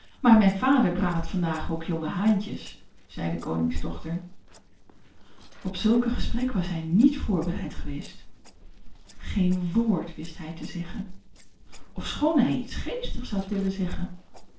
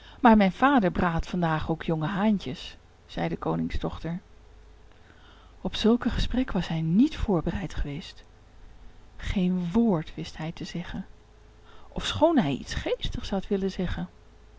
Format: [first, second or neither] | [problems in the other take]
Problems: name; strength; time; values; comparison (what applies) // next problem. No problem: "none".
second | noise reduction (neural separator model SepFormer DNS4)